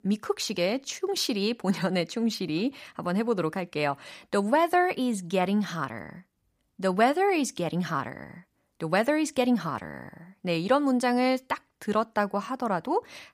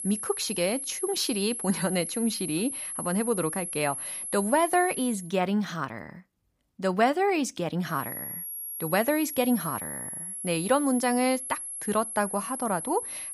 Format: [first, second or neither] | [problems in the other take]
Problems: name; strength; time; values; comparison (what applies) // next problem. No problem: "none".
first | high-pitched whine; loud; until 5 s and from 8 s on; 11 kHz, 5 dB below the speech